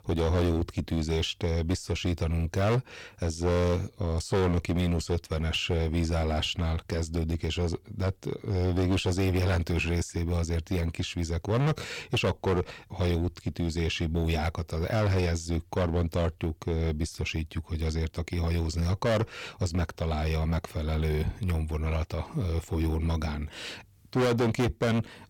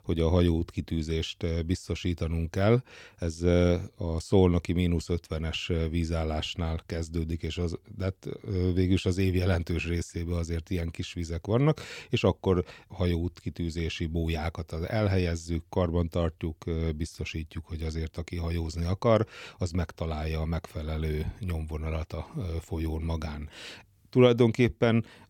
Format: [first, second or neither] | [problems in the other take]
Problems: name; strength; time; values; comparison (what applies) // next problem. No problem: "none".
second | distortion; heavy; 12% of the sound clipped